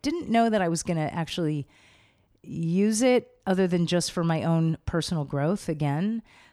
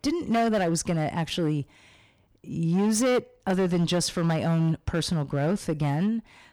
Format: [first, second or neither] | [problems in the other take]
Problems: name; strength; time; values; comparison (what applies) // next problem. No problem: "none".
first | distortion; slight; 10% of the sound clipped